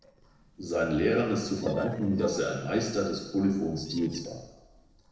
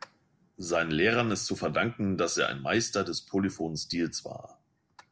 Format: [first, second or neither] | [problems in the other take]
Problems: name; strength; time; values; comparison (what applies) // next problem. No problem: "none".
second | noise reduction (neural separator model SepFormer DNS4)